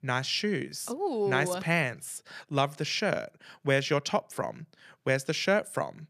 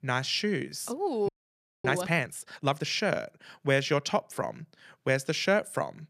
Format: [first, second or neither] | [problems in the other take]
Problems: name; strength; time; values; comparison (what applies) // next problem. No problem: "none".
first | audio freezing; at 1.5 s for 0.5 s